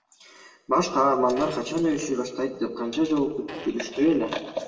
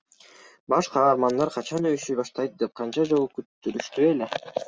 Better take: second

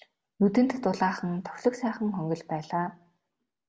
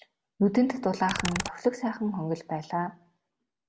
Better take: first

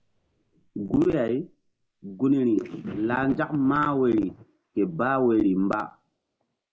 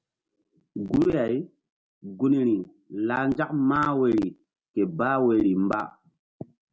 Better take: second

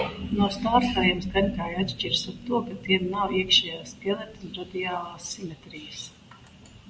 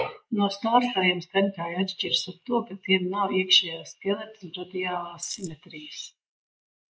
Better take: first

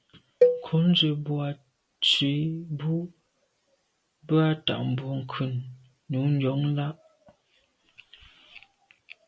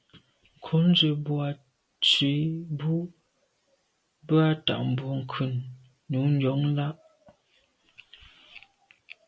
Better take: second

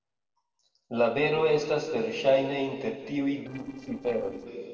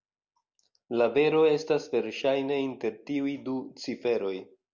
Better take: second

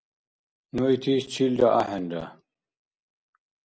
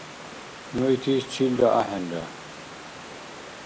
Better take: first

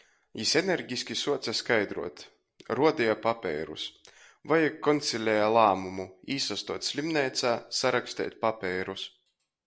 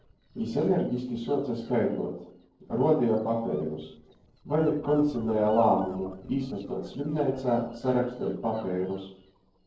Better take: first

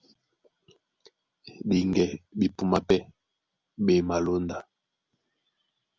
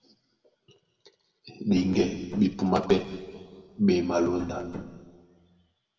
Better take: first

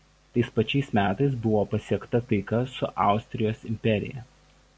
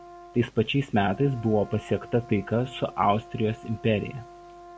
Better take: first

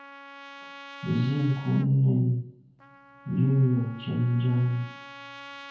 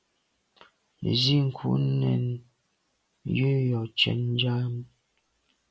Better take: second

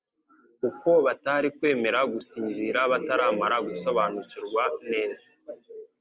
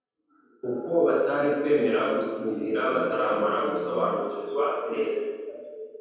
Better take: first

